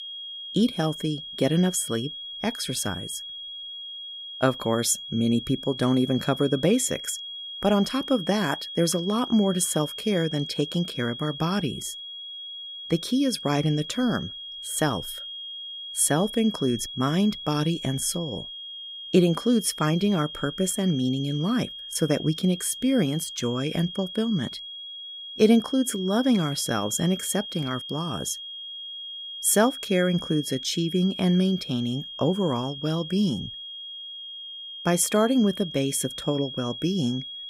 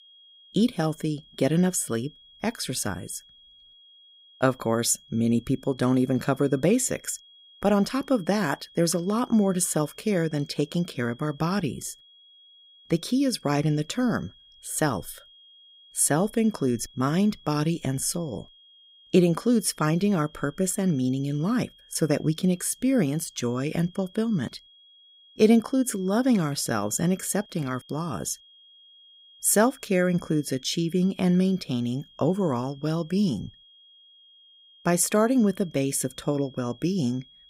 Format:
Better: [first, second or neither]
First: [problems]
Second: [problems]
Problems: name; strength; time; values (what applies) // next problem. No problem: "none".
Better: second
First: high-pitched whine; loud; throughout; 3.5 kHz, 10 dB below the speech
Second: high-pitched whine; faint; throughout; 3.5 kHz, 25 dB below the speech